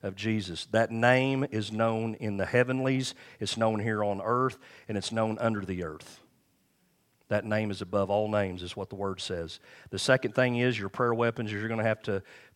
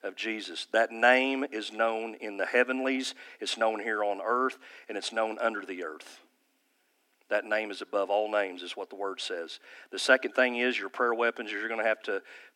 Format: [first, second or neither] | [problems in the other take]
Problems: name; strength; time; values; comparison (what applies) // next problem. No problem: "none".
first | thin; somewhat; fading below 250 Hz